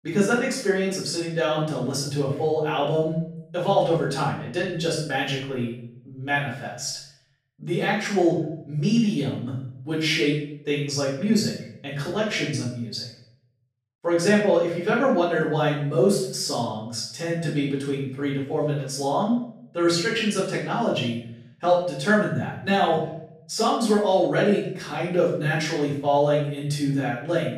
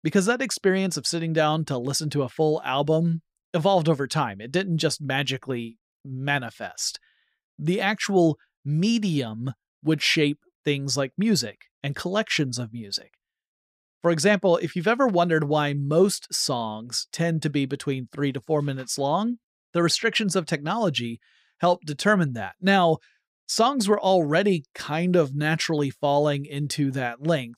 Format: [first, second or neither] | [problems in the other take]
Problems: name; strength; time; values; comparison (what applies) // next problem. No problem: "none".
second | off-mic speech; far // room echo; noticeable; dies away in 0.6 s